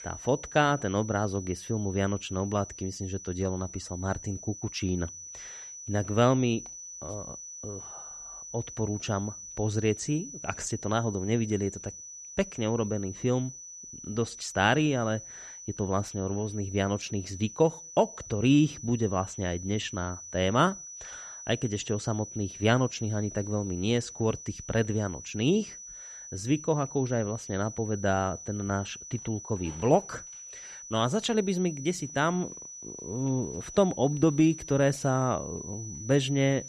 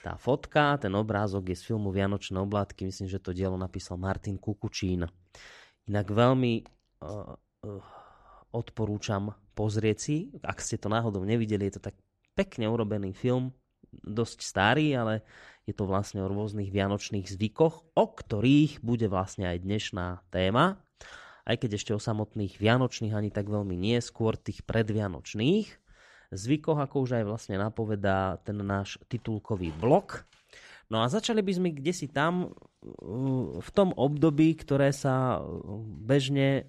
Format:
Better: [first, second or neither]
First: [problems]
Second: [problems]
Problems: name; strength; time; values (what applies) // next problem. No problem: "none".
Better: second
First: high-pitched whine; noticeable; throughout; 6 kHz, 10 dB below the speech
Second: none